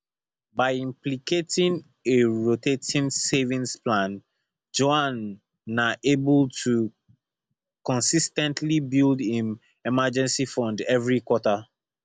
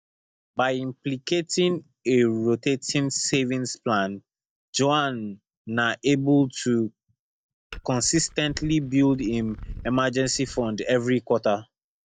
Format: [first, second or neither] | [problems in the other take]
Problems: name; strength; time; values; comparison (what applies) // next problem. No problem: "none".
first | noise reduction (neural mask model DeepFilterNet 3)